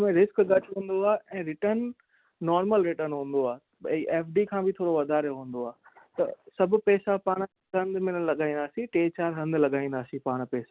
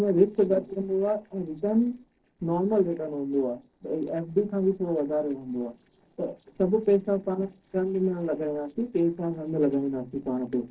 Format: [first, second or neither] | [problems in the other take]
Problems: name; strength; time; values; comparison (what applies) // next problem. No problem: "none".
first | noise reduction (neural separator model SepFormer DNS4)